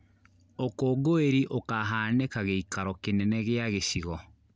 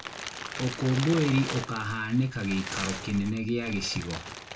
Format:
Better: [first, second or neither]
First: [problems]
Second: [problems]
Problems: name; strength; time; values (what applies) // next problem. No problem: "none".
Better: first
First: none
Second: background sound (Crumpling, crinkling); 9 dB below the speech // room echo; dies away in 0.2 s